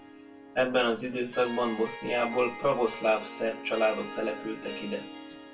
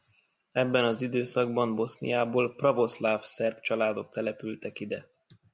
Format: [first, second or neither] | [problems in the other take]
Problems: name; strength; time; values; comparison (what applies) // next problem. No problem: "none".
second | background sound (Harp); 12 dB below the speech // room echo; dies away in 0.2 s